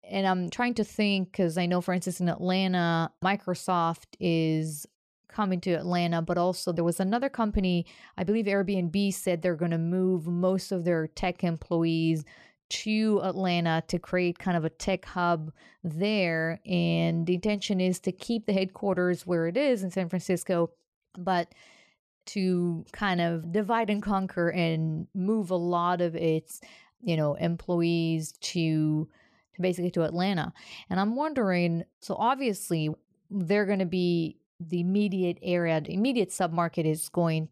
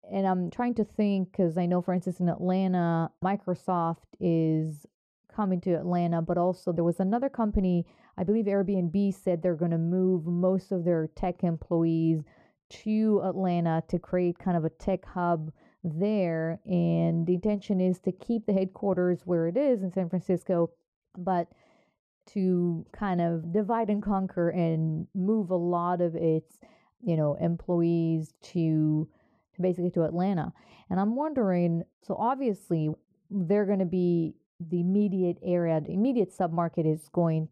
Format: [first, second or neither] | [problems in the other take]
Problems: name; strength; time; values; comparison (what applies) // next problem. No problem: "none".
first | muffled; very; fading above 1.5 kHz